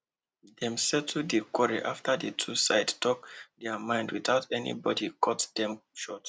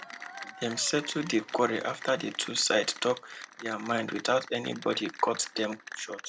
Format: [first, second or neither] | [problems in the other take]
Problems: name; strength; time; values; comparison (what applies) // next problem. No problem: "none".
first | background sound (Applause / Cheering); 14 dB below the speech